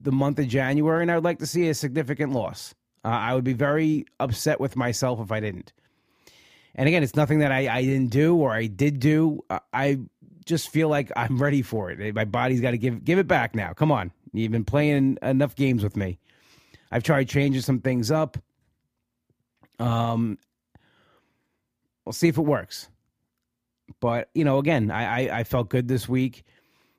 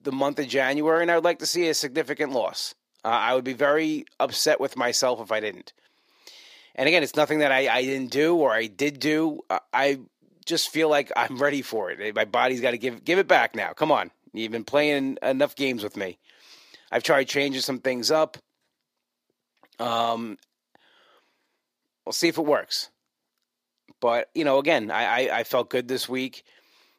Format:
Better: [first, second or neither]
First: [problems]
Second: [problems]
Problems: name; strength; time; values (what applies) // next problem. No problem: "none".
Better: first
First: none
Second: thin; somewhat; fading below 450 Hz